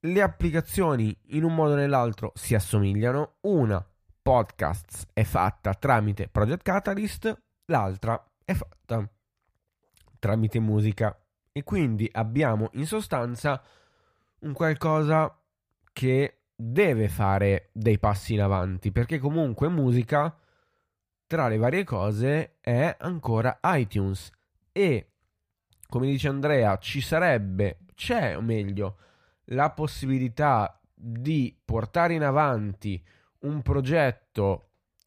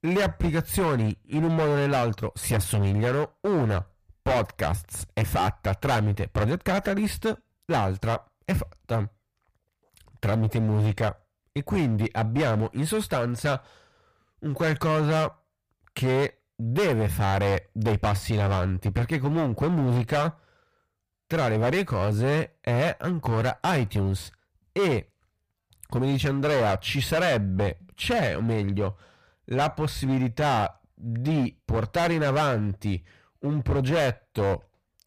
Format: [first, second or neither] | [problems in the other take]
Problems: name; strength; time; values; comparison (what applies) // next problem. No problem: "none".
first | distortion; heavy; 15% of the sound clipped